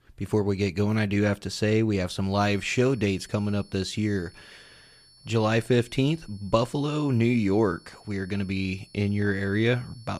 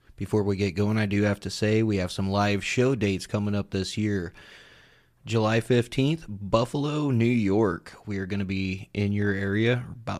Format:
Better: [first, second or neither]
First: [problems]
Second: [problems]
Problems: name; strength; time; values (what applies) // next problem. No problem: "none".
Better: second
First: high-pitched whine; faint; from 2.5 s on; 4.5 kHz, 25 dB below the speech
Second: none